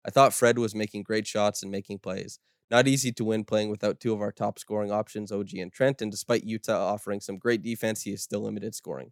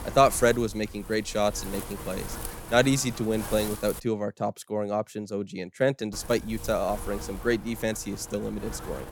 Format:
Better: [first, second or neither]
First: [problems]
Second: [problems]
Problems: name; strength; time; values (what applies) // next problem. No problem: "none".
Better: first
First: none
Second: wind noise on the microphone; occasional gusts; until 4 s and from 6 s on; 15 dB below the speech